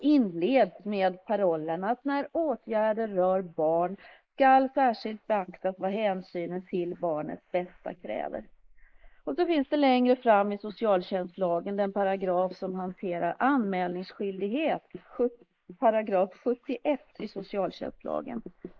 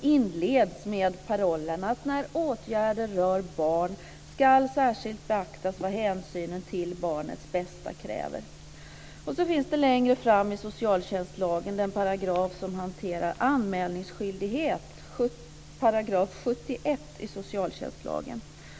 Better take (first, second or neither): second